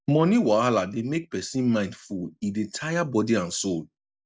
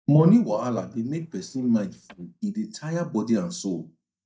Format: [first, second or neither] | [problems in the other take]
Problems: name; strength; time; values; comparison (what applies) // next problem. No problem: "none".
first | noise reduction (neural mask model DeepFilterNet 3)